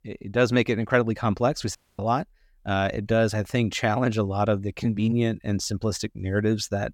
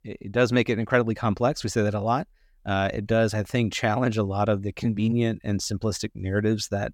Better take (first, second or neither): second